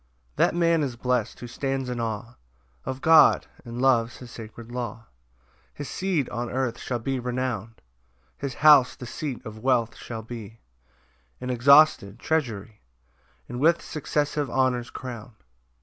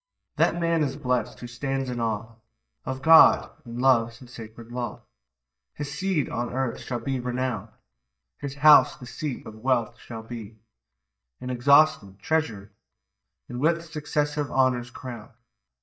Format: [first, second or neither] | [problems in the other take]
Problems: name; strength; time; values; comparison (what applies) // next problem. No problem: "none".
first | noise reduction (neural mask model DeepFilterNet 3)